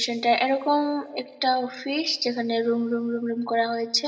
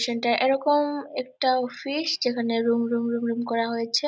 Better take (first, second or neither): second